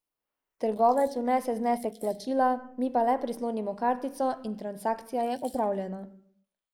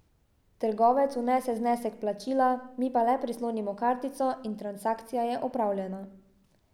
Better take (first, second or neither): second